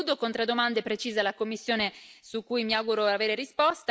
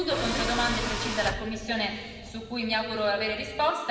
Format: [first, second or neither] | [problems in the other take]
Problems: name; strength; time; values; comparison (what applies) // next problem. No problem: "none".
first | background sound (Tools); 6 dB below the speech // room echo; dies away in 1.7 s